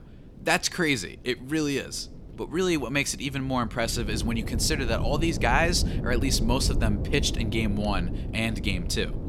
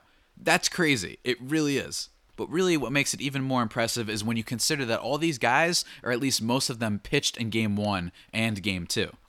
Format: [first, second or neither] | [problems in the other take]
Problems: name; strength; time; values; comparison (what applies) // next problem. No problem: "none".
second | wind noise on the microphone; occasional gusts; 15 dB below the speech